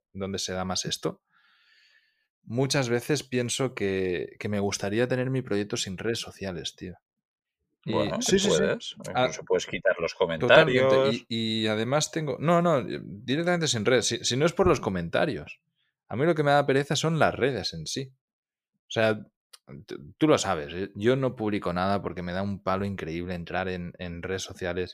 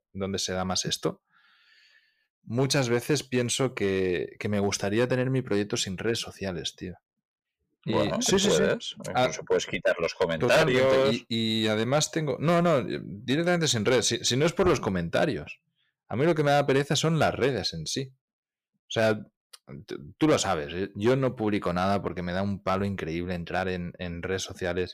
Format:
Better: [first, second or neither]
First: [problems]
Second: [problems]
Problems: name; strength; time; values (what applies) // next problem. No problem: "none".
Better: first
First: none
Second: distortion; slight; 3% of the sound clipped